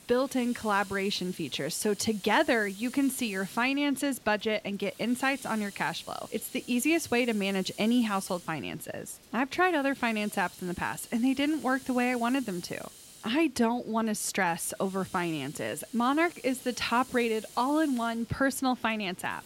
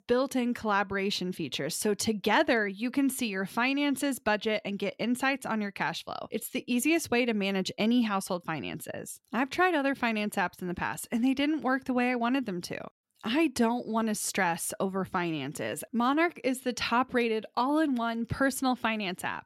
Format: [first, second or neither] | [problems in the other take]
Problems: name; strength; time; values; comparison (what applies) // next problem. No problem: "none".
second | hiss; noticeable; throughout; 20 dB below the speech